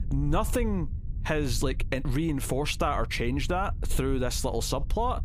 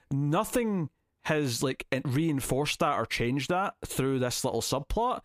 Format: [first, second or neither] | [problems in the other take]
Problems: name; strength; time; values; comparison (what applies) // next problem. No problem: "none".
second | low rumble; faint; throughout; 20 dB below the speech